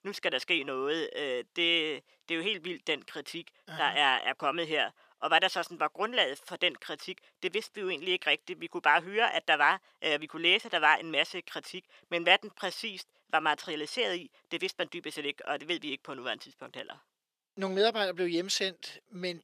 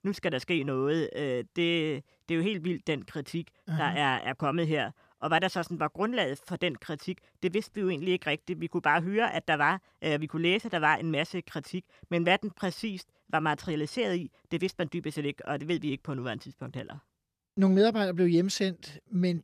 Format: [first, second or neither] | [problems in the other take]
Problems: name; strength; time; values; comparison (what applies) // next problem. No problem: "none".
second | thin; somewhat; fading below 450 Hz